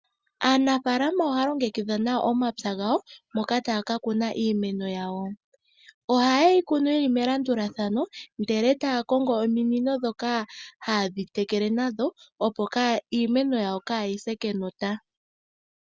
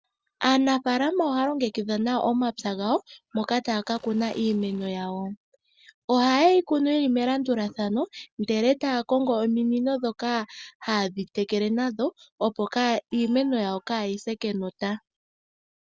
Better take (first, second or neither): first